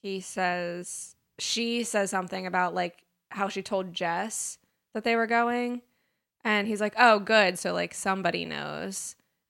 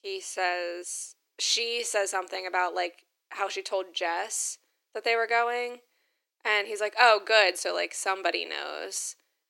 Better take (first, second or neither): first